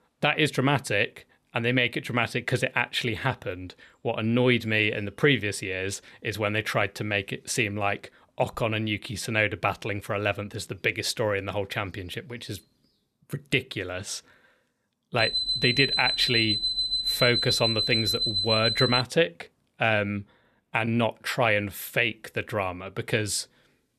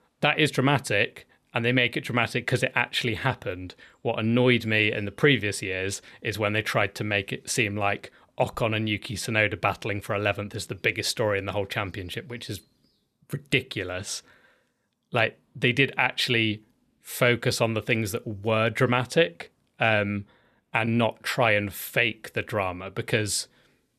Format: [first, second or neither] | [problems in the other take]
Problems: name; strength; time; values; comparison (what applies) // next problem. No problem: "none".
second | alarm; loud; from 15 to 19 s; peak 3 dB above the speech